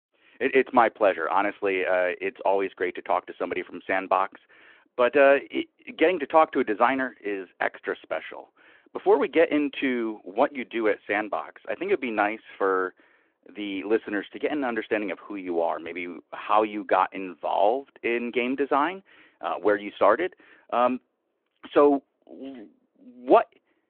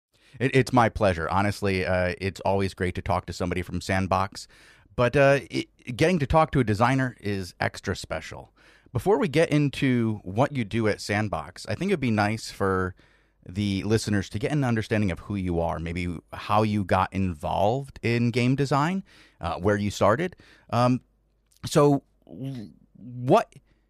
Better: second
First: phone-call audio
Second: none

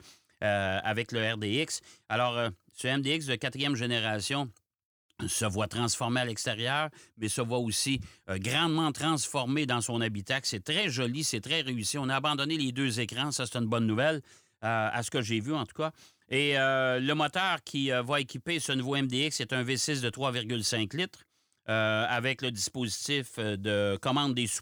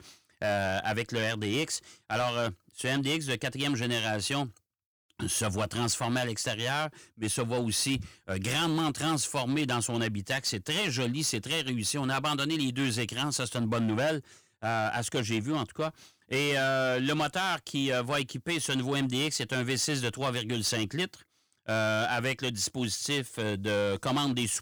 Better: first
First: none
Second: distortion; slight; 9% of the sound clipped

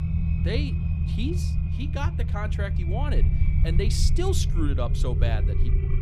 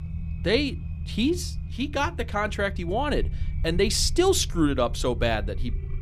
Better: second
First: low rumble; loud; throughout; 6 dB below the speech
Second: low rumble; faint; throughout; 20 dB below the speech

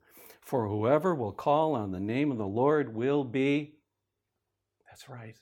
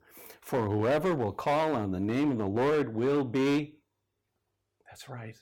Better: first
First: none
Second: distortion; heavy; 9% of the sound clipped

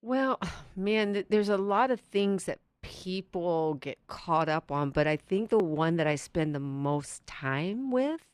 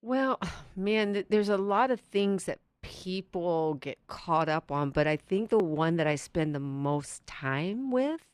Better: neither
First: muffled; slightly; fading above 3.5 kHz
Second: muffled; slightly; fading above 3.5 kHz

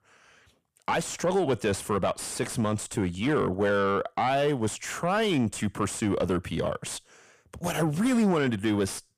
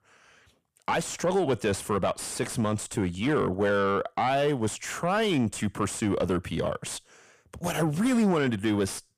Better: neither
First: distortion; slight; 10 dB below the speech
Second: distortion; slight; 10 dB below the speech

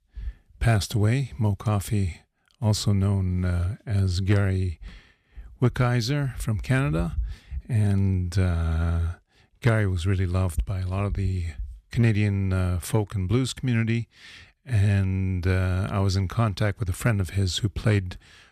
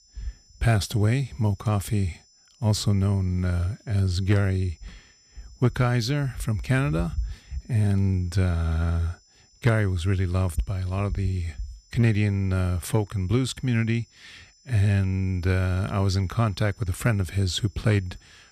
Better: first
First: none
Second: high-pitched whine; faint; throughout; 5 kHz, 30 dB below the speech

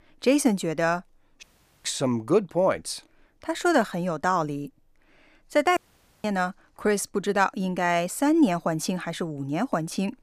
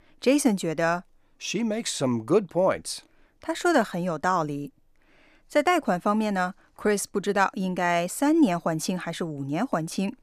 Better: second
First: audio cutting out; at 1.5 s and at 6 s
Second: none

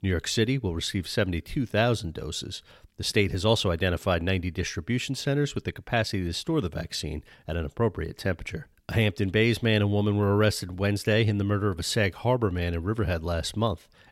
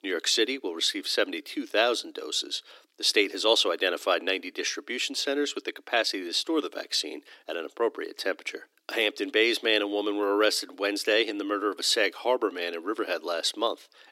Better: first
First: none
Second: thin; very; fading below 300 Hz

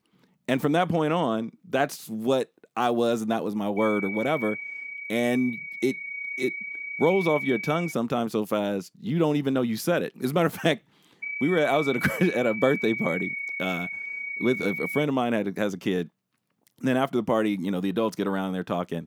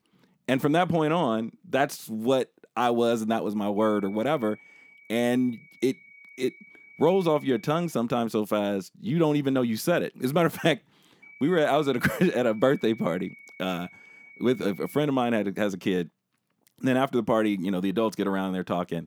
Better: second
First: high-pitched whine; loud; from 4 to 8 s and from 11 to 15 s; 2.5 kHz, 6 dB below the speech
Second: high-pitched whine; faint; from 4 to 8 s and from 11 to 15 s; 2.5 kHz, 25 dB below the speech

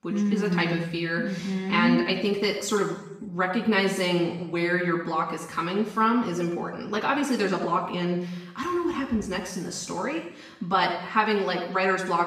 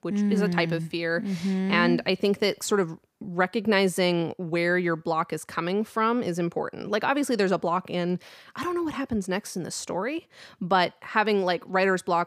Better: second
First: room echo; noticeable; dies away in 0.8 s // off-mic speech; far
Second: none

